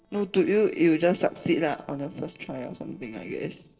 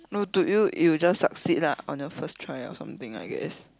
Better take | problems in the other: second | noise reduction (neural separator model SepFormer DNS4)

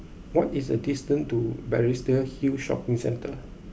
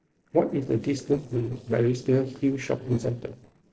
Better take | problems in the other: first | noise reduction (neural separator model SepFormer DNS4)

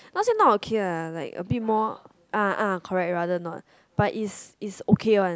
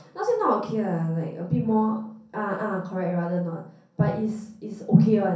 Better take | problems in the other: first | room echo; dies away in 0.6 s

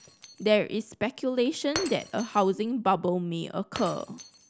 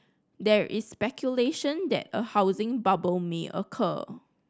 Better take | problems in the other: second | background sound (Shatter); 15 dB below the speech

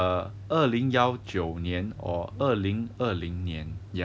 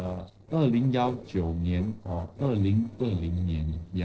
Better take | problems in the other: first | noise reduction (neural separator model SepFormer DNS4)

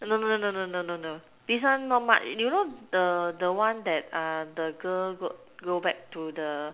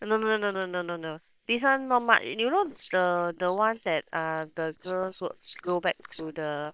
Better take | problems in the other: first | noise reduction (neural separator model SepFormer WHAM!)

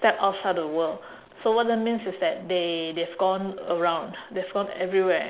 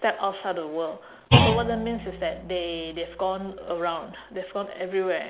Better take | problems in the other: first | background sound (Thump, thud); as loud as the speech

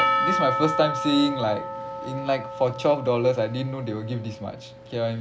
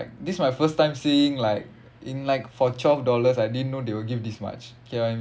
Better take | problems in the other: second | background sound (Percussion); 4 dB below the speech

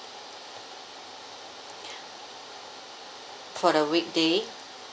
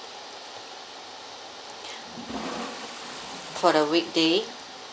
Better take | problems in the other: first | background sound (Toilet flush); 13 dB below the speech

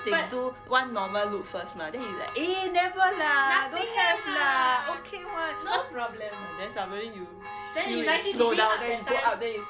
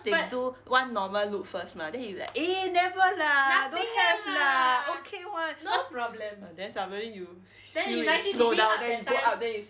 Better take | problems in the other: second | background sound (Church bell); 13 dB below the speech

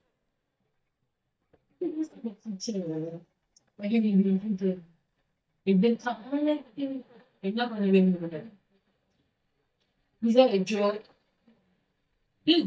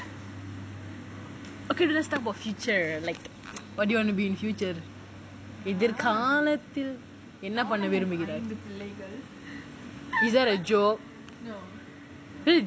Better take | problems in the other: second | noise reduction (neural mask model DeepFilterNet 3)

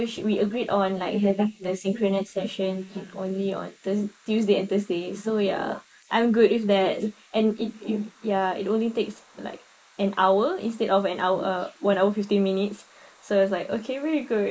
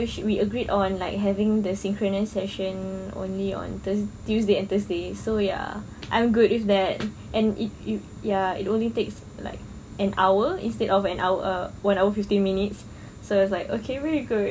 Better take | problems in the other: second | noise reduction (neural mask model Resemble Enhance denoiser)

